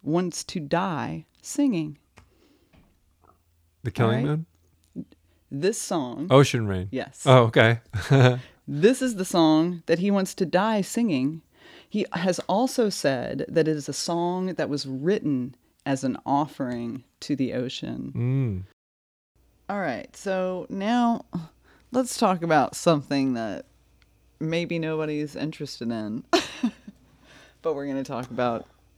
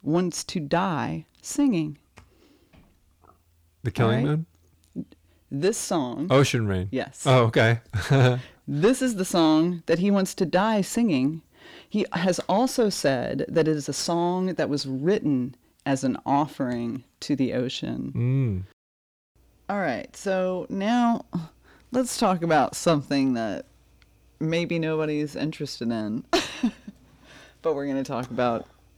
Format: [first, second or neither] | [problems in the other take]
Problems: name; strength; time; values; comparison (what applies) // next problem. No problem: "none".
first | distortion; slight; 10 dB below the speech